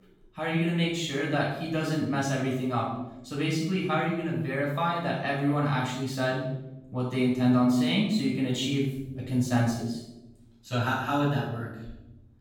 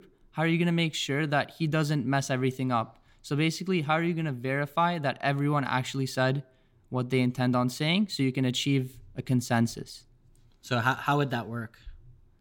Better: second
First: off-mic speech; far // room echo; noticeable; dies away in 0.7 s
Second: none

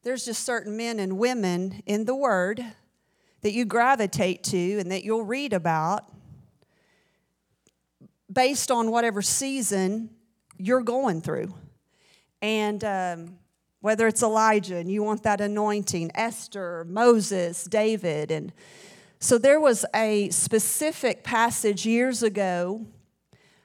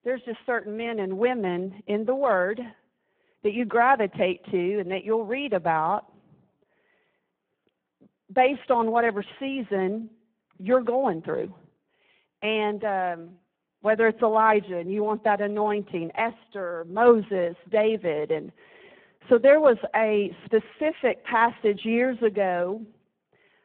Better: first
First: none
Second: phone-call audio; poor line

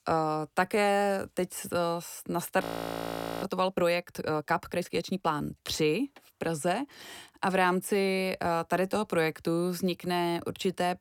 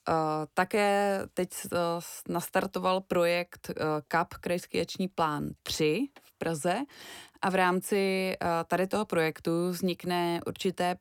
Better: second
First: audio freezing; at 2.5 s for 1 s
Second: none

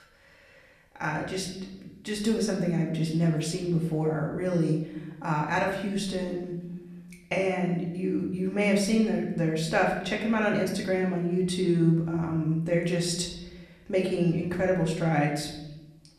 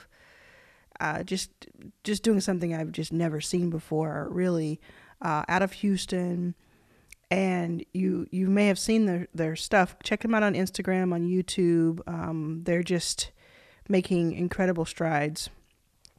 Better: second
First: room echo; slight; dies away in 0.9 s // off-mic speech; far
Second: none

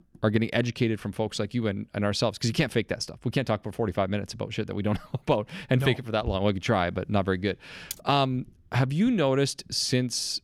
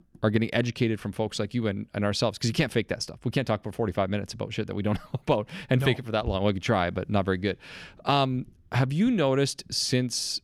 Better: second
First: clattering dishes; very faint; at 8 s; peak 10 dB below the speech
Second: none

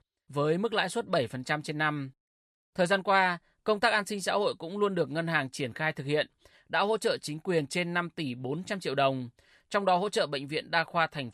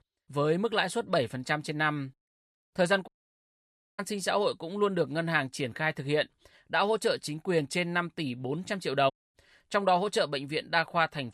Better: first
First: none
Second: audio cutting out; at 3 s for 1 s and at 9 s

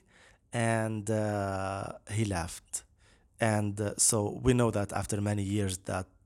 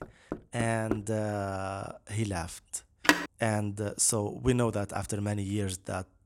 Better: first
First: none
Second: door banging; noticeable; at the start; peak 5 dB below the speech // phone ringing; loud; at 3 s; peak 6 dB above the speech

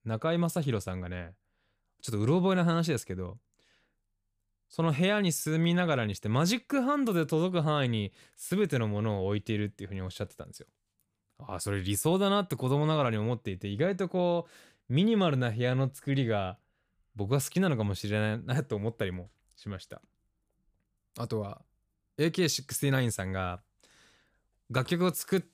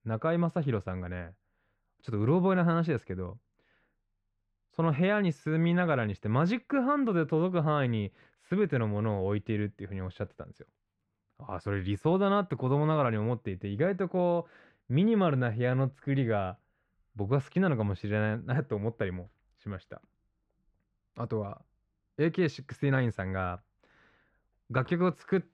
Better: first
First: none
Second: muffled; very; fading above 2 kHz

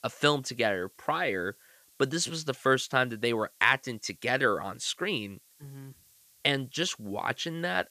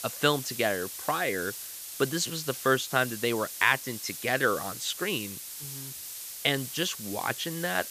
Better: first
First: hiss; faint; throughout; 30 dB below the speech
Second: hiss; loud; throughout; 8 dB below the speech

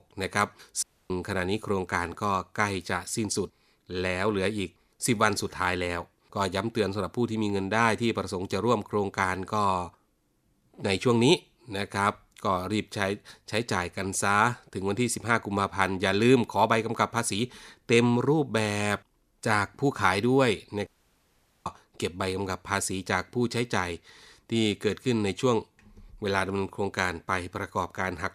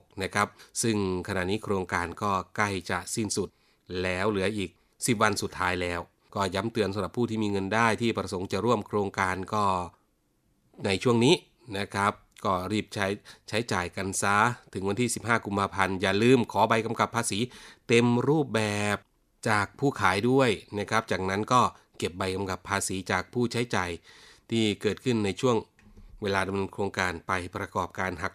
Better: second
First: audio cutting out; at 1 s and at 21 s for 1 s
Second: none

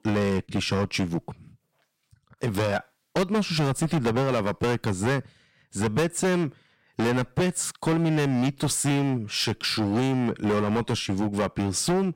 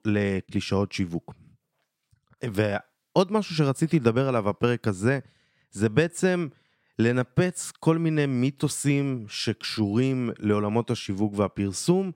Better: second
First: distortion; heavy; 16% of the sound clipped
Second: none

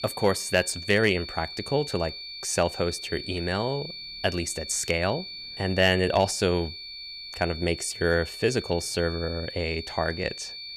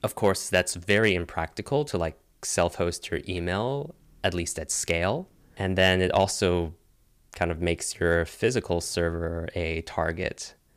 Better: second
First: high-pitched whine; loud; throughout; 4.5 kHz, 10 dB below the speech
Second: none

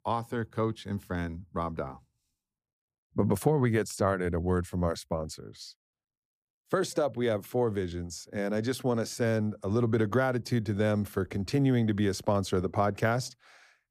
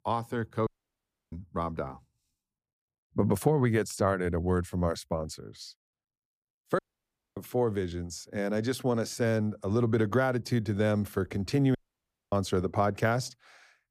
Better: first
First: none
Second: audio cutting out; at 0.5 s for 0.5 s, at 7 s for 0.5 s and at 12 s for 0.5 s

